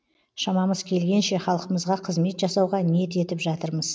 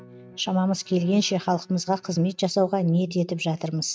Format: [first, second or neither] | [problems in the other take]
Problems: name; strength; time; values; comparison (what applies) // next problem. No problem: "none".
first | noise reduction (neural mask model RNNoise)